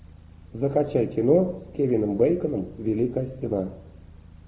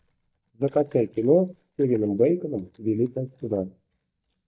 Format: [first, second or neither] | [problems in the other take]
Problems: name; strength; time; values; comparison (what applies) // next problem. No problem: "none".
first | noise reduction (neural mask model DeepFilterNet 3)